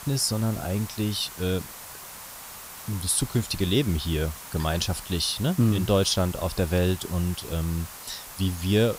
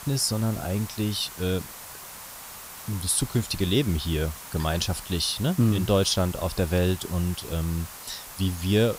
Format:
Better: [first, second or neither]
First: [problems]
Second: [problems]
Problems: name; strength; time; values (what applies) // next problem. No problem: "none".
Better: neither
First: hiss; noticeable; throughout; 15 dB below the speech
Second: hiss; noticeable; throughout; 15 dB below the speech